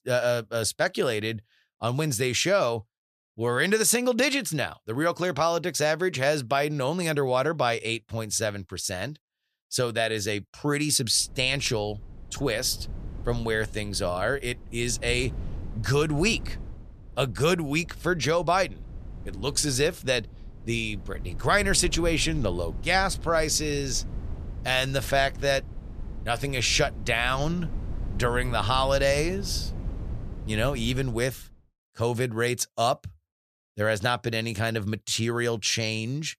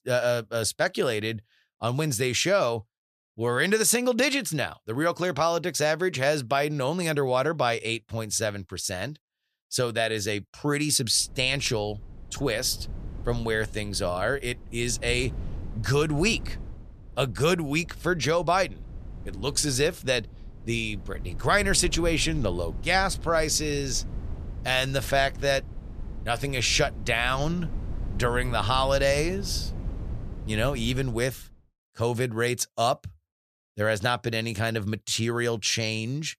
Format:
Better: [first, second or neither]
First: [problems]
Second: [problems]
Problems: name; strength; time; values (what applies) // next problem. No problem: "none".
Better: neither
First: wind noise on the microphone; occasional gusts; from 11 to 32 s; 25 dB below the speech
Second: wind noise on the microphone; occasional gusts; from 11 to 32 s; 25 dB below the speech